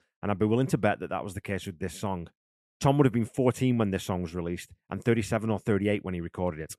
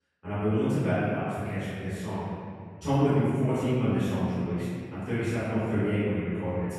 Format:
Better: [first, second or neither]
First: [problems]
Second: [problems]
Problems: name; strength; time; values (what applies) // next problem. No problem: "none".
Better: first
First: none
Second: off-mic speech; far // room echo; strong; dies away in 2.4 s